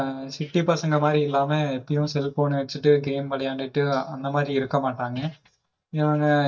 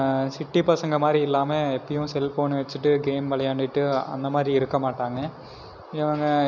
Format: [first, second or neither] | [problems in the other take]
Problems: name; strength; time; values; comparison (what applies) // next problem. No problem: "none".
second | noise reduction (neural mask model DeepFilterNet 3)